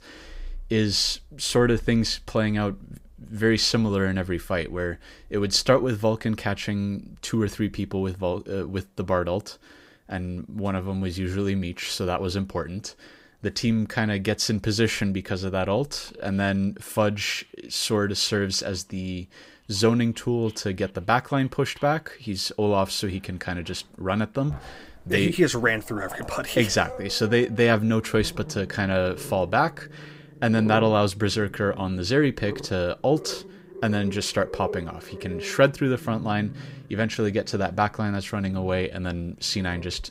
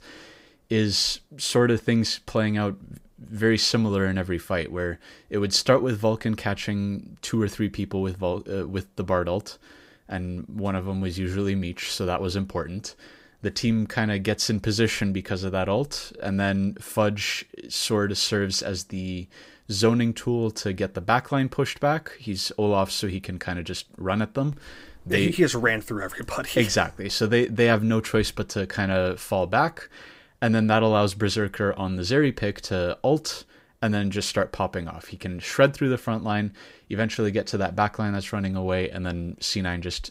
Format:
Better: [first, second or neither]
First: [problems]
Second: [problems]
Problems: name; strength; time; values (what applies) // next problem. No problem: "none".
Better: second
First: animal sounds; noticeable; throughout; 15 dB below the speech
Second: none